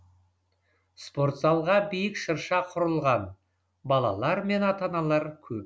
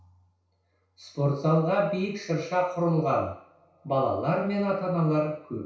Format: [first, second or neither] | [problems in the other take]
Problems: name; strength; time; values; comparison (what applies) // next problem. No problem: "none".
first | room echo; dies away in 0.6 s